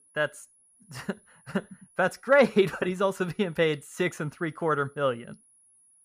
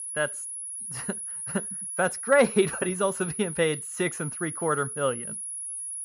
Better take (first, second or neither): first